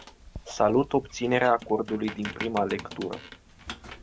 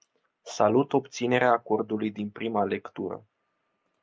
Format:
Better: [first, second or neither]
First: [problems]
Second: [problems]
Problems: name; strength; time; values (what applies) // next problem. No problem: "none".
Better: second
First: background sound (Squeak); 14 dB below the speech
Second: none